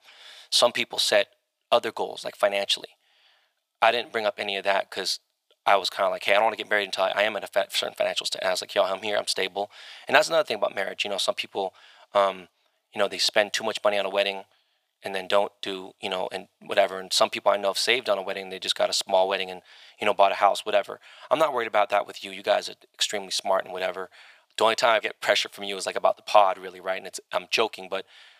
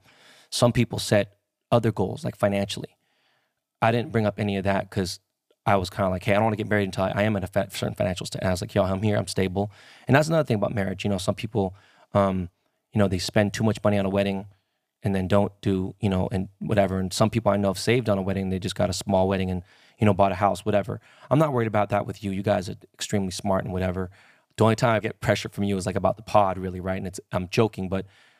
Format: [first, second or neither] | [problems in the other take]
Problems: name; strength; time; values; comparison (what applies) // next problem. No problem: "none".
second | thin; very; fading below 650 Hz